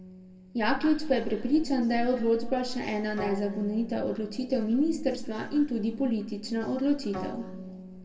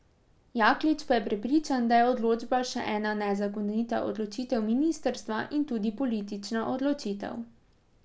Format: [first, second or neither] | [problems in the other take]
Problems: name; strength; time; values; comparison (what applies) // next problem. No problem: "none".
second | background sound (Bowed string instrument); 18 dB below the speech // room echo; dies away in 1.4 s